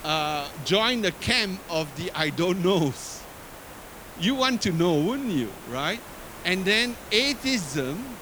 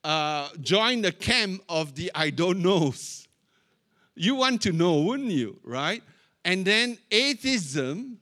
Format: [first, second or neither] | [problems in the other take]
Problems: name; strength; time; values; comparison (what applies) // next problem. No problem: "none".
second | hiss; noticeable; throughout; 15 dB below the speech